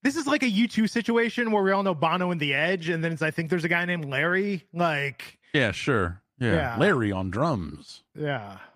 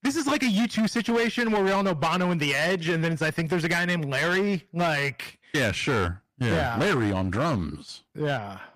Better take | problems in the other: first | distortion; heavy; 17% of the sound clipped

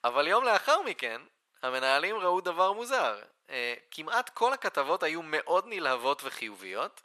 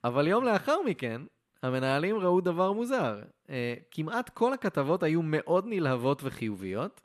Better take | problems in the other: second | thin; very; fading below 800 Hz

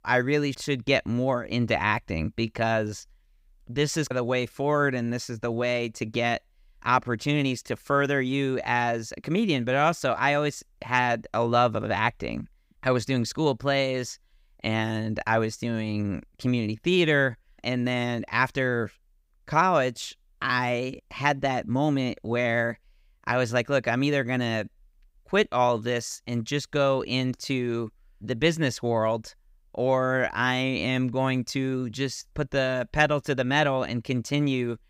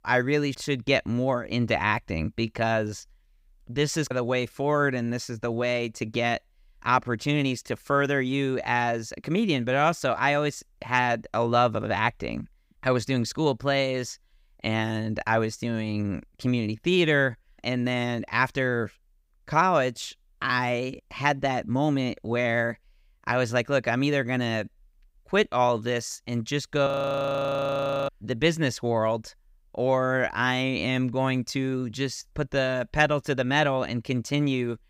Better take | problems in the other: first | audio freezing; at 27 s for 1 s

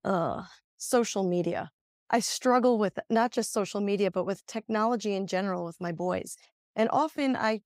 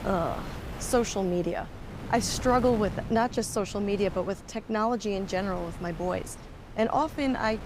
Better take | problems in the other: first | wind noise on the microphone; occasional gusts; 15 dB below the speech

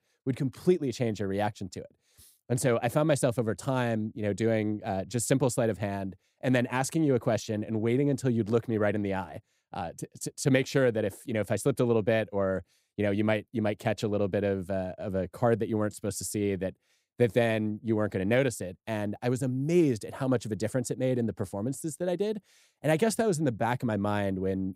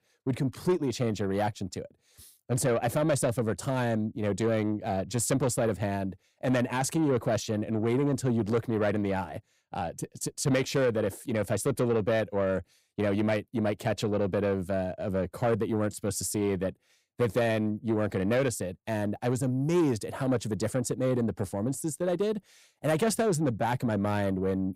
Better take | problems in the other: first | distortion; slight; 10 dB below the speech

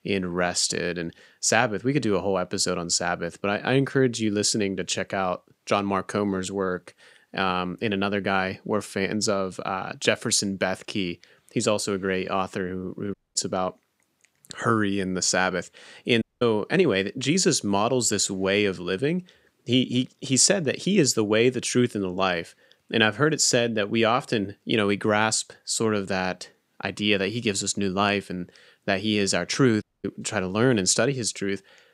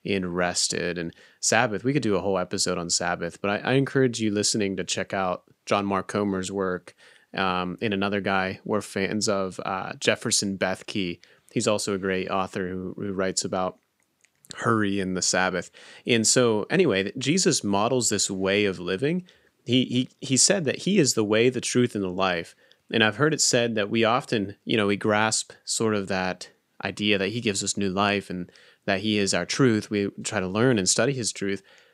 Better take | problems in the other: second | audio cutting out; at 13 s, at 16 s and at 30 s

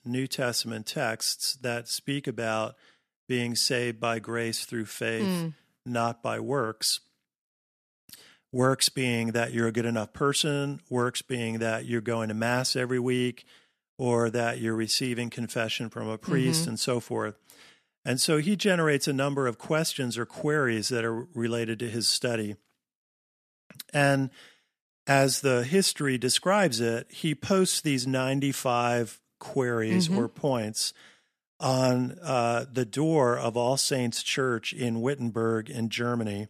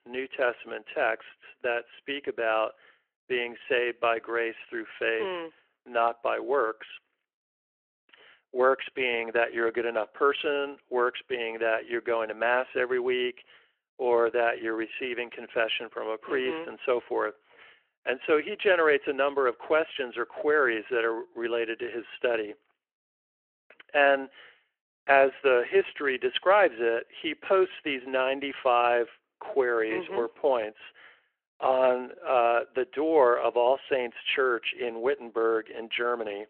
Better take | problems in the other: first | phone-call audio

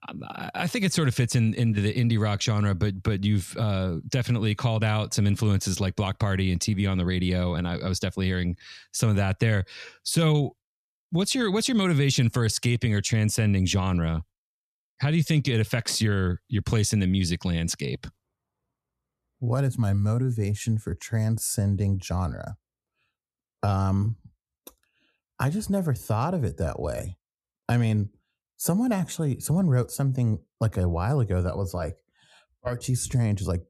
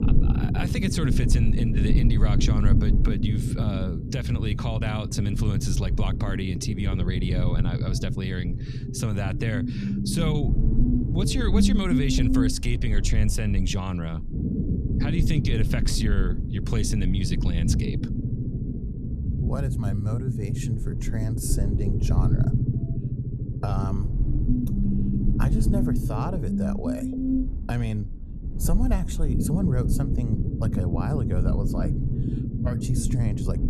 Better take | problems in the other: first | low rumble; loud; throughout; 2 dB below the speech

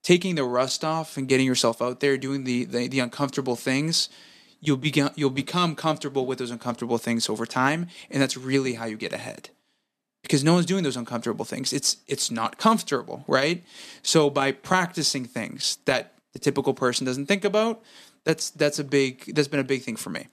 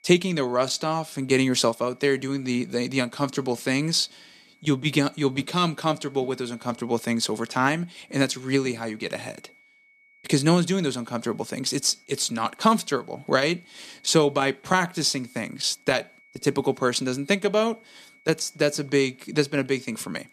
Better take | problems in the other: first | high-pitched whine; faint; throughout; 2 kHz, 30 dB below the speech

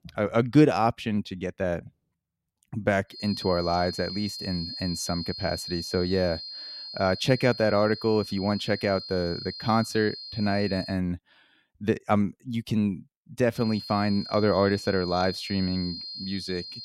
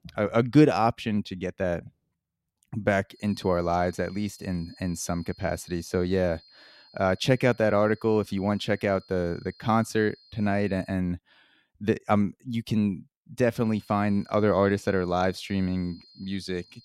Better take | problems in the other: second | high-pitched whine; loud; from 3 to 11 s and from 14 s on; 4 kHz, 9 dB below the speech; faint in the second

